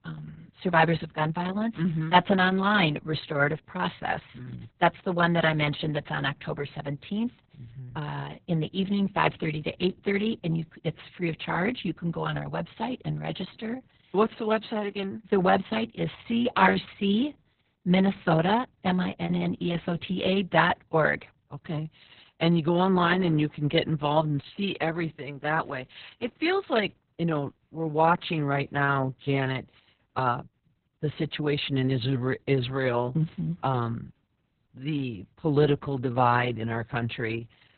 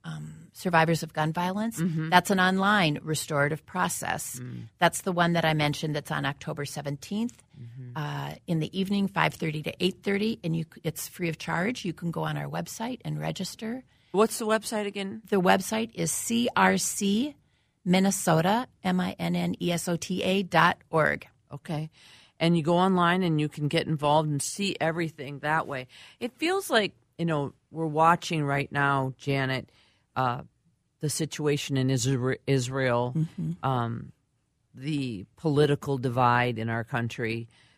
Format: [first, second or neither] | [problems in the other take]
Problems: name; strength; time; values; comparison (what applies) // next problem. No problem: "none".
second | garbled, watery; badly; nothing above 4 kHz